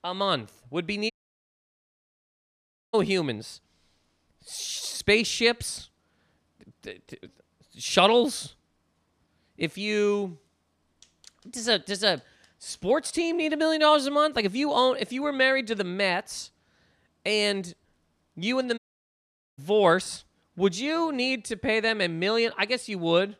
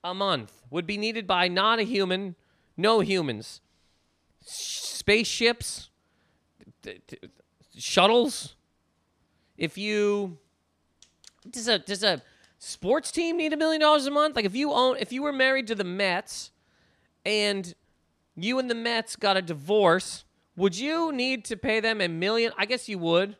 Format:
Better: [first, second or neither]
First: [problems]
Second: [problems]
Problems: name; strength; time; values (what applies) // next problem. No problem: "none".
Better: second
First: audio cutting out; at 1 s for 2 s and at 19 s for 1 s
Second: none